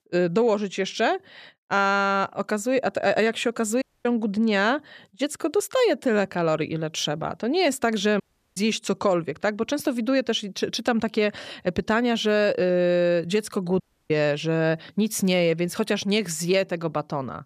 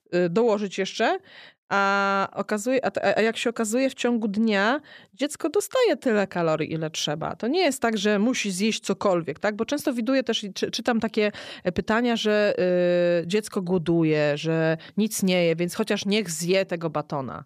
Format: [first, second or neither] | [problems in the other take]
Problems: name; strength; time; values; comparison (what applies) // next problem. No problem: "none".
second | audio cutting out; at 4 s, at 8 s and at 14 s